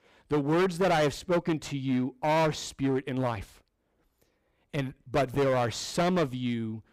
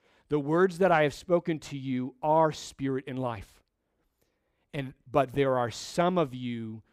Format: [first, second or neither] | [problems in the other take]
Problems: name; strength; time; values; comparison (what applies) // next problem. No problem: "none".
second | distortion; heavy; 10% of the sound clipped